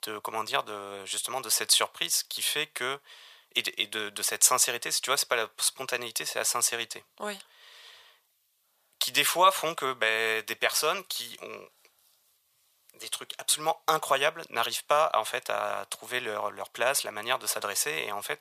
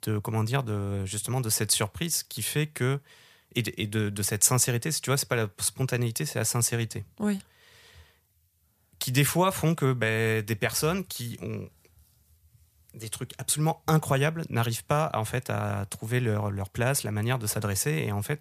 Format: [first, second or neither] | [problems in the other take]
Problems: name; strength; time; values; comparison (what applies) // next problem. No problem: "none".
second | thin; very; fading below 650 Hz